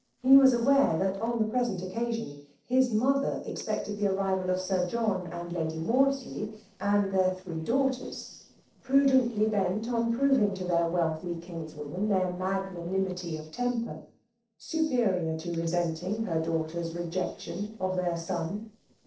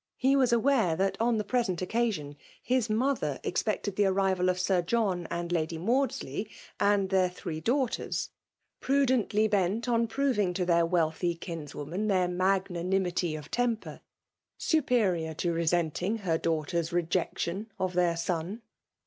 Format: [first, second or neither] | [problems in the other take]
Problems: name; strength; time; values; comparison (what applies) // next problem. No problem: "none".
second | noise reduction (neural separator model SepFormer DNS4)